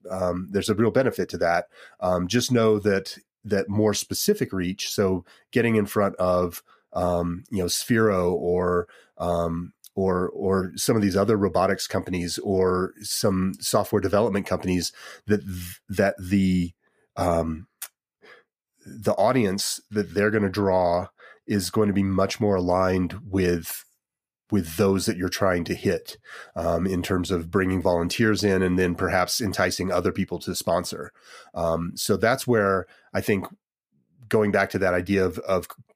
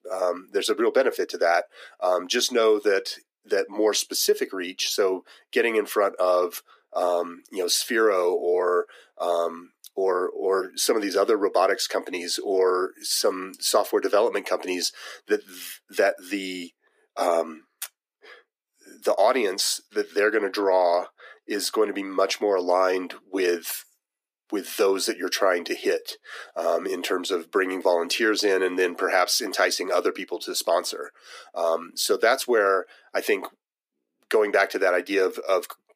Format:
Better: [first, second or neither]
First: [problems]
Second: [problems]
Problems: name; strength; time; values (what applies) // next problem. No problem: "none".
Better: first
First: none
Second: thin; somewhat; fading below 300 Hz